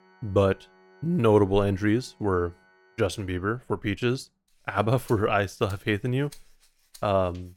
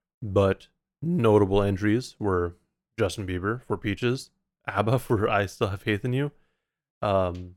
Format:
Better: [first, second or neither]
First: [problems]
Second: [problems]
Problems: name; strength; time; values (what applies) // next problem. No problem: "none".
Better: second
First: background music; faint; throughout; 30 dB below the speech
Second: none